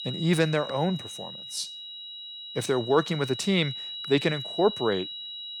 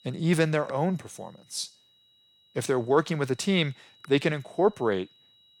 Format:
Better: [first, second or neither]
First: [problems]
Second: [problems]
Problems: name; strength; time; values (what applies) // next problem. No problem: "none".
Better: second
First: high-pitched whine; loud; throughout; 4 kHz, 9 dB below the speech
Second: high-pitched whine; faint; throughout; 4 kHz, 30 dB below the speech